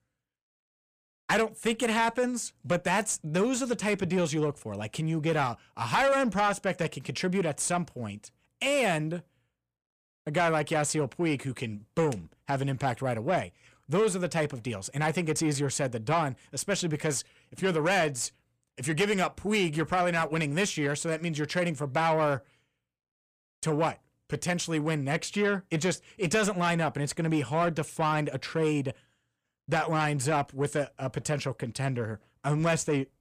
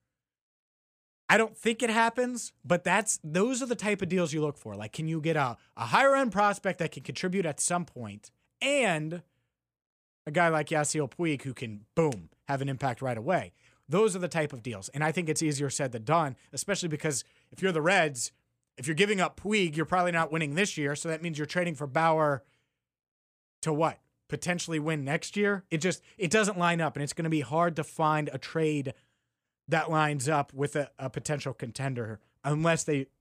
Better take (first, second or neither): second